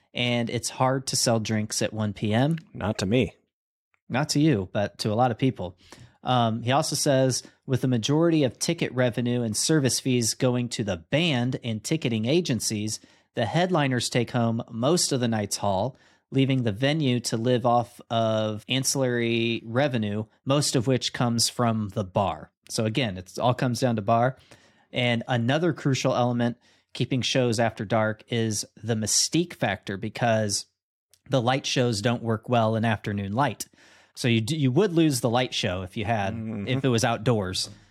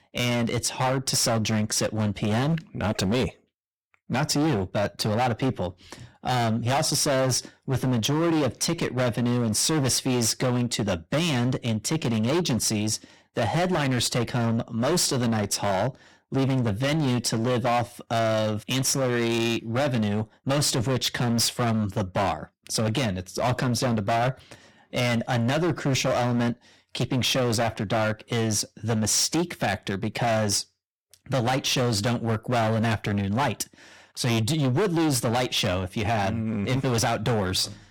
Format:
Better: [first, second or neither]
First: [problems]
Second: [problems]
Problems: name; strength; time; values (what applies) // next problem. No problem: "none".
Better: first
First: none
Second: distortion; heavy; 20% of the sound clipped